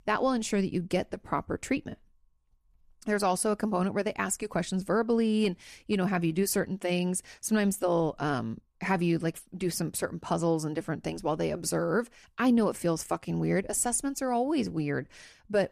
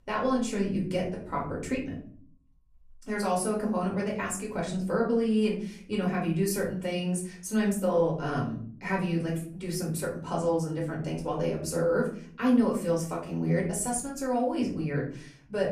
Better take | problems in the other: first | off-mic speech; far // room echo; slight; dies away in 0.6 s

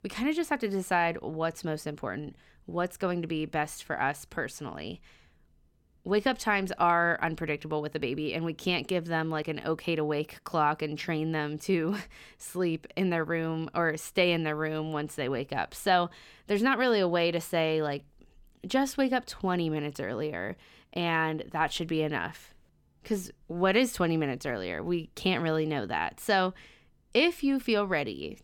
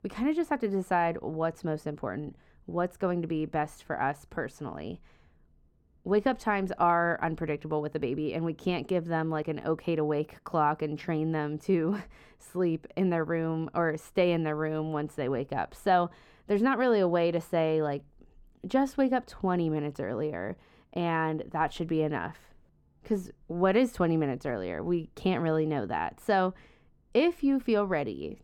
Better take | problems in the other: first | muffled; slightly; fading above 2 kHz

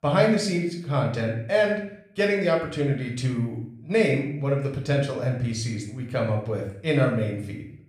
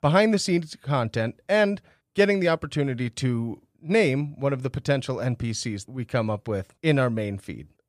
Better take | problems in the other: second | room echo; slight; dies away in 0.5 s // off-mic speech; somewhat distant

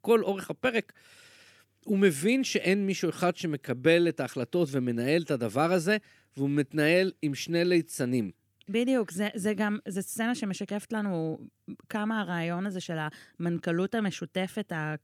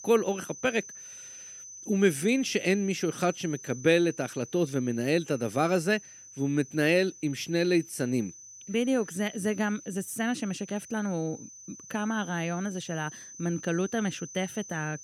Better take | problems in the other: first | high-pitched whine; noticeable; throughout; 6 kHz, 15 dB below the speech

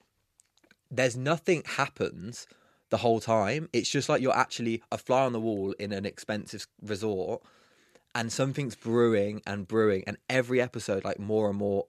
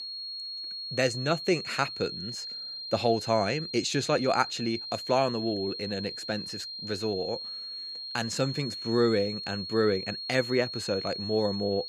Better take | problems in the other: first | high-pitched whine; loud; throughout; 4.5 kHz, 6 dB below the speech

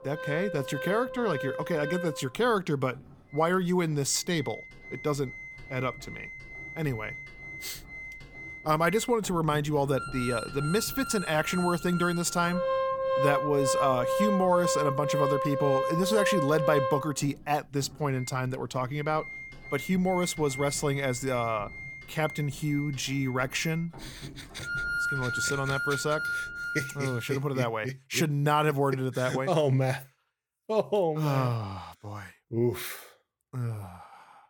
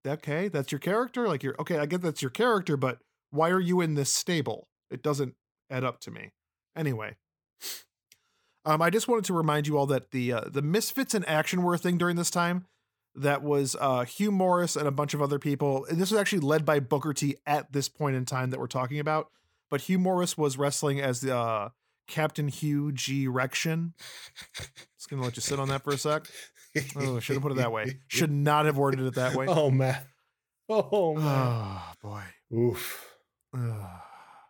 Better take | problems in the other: second | background music; loud; until 27 s; 5 dB below the speech

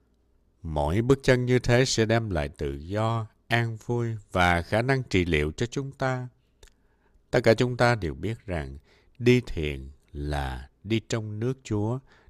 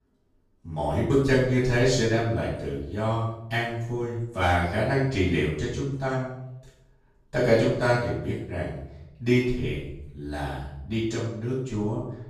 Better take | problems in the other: first | off-mic speech; far // room echo; noticeable; dies away in 0.7 s

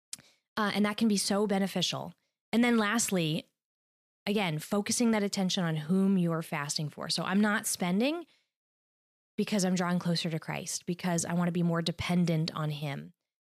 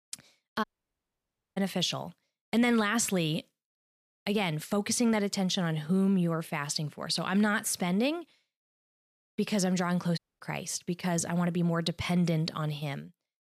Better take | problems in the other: first | audio cutting out; at 0.5 s for 1 s and at 10 s

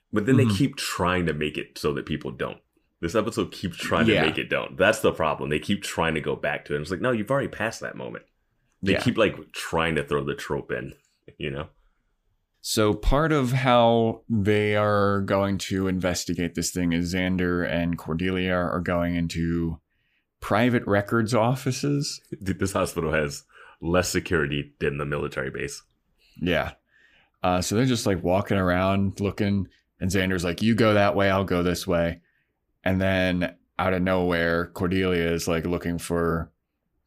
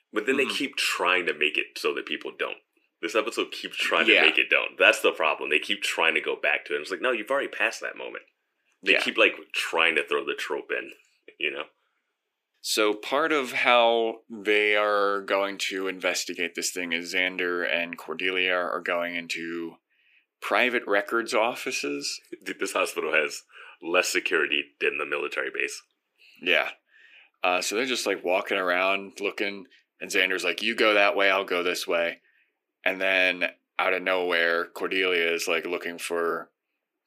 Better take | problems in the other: first | thin; somewhat; fading below 350 Hz

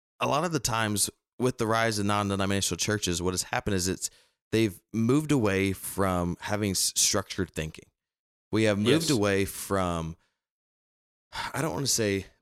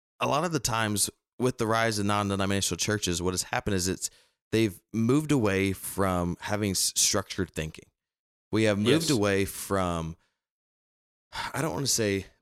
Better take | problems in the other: neither | none

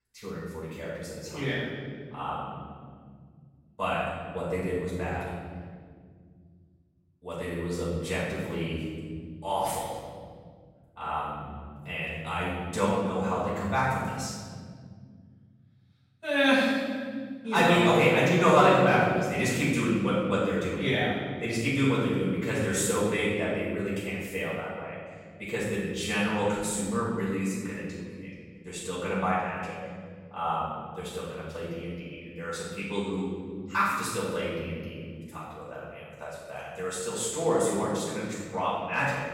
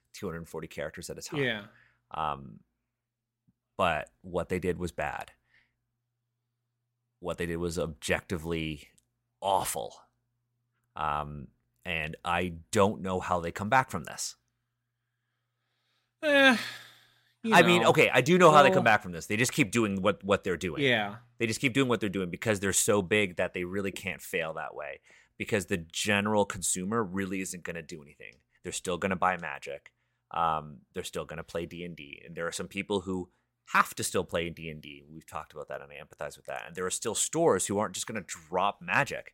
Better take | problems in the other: second | off-mic speech; far // room echo; strong; dies away in 2.4 s

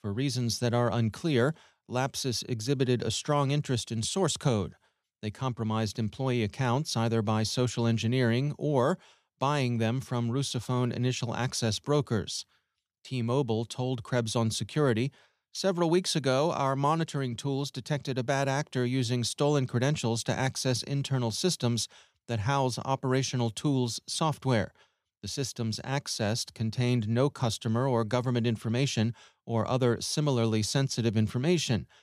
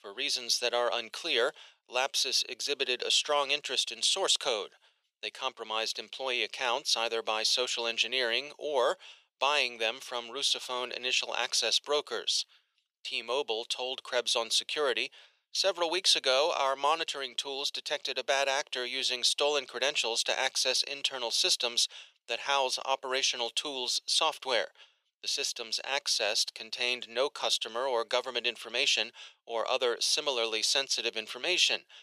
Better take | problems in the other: first | thin; very; fading below 500 Hz

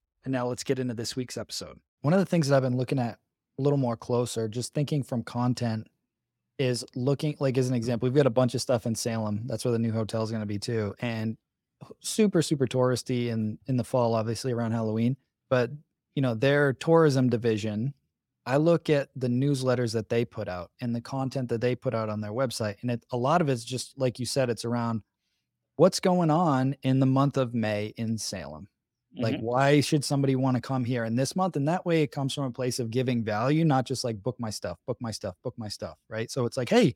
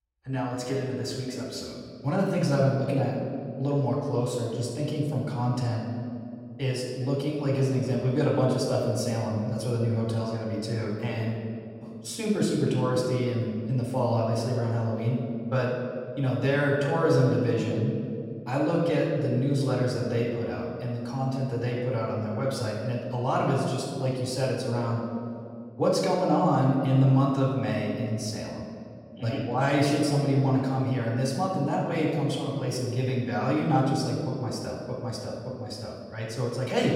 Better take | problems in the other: first | off-mic speech; far // room echo; noticeable; dies away in 2.1 s

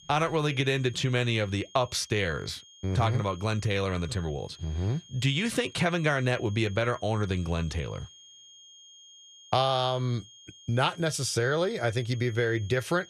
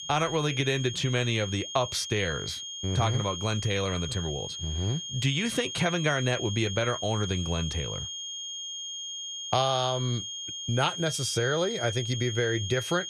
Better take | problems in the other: first | high-pitched whine; loud; throughout; 3 kHz, 6 dB below the speech; faint in the first

